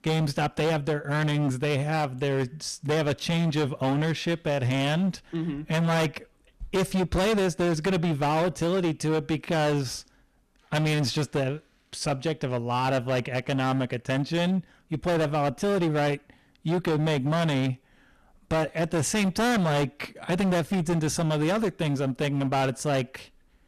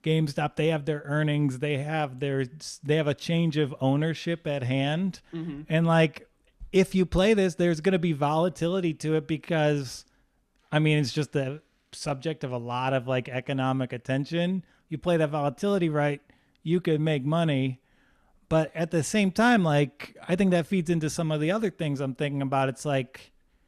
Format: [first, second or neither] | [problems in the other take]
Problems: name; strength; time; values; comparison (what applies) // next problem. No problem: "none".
second | distortion; heavy; 21% of the sound clipped